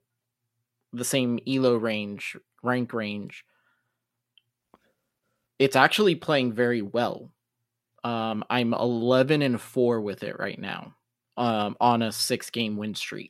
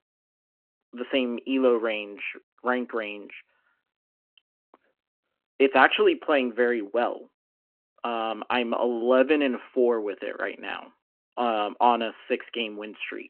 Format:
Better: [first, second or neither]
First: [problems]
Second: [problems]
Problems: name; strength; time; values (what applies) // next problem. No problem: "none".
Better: first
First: none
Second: phone-call audio